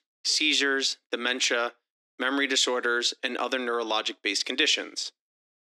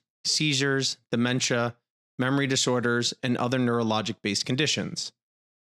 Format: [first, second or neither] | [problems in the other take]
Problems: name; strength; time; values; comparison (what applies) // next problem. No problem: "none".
second | thin; somewhat; fading below 300 Hz